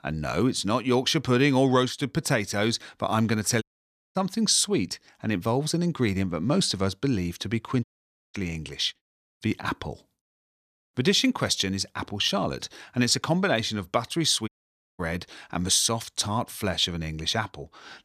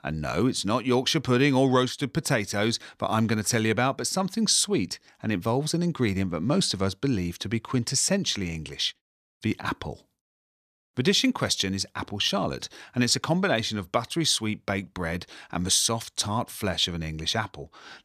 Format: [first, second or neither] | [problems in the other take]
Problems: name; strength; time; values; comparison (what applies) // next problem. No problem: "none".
second | audio cutting out; at 3.5 s for 0.5 s, at 8 s for 0.5 s and at 14 s for 0.5 s